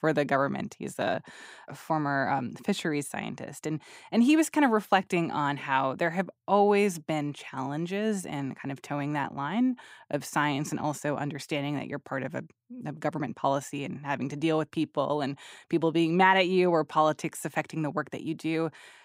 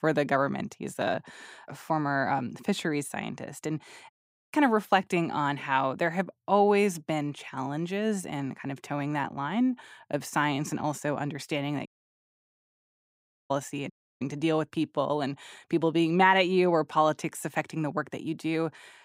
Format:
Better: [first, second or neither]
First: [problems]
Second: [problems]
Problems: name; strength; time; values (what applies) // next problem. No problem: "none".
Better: first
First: none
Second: audio cutting out; at 4 s, at 12 s for 1.5 s and at 14 s